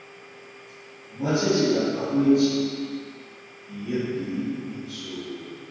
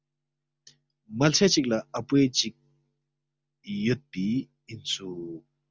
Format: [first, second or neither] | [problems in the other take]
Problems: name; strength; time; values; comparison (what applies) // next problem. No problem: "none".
second | background sound (Domestic sounds, home sounds); 19 dB below the speech // room echo; dies away in 2.2 s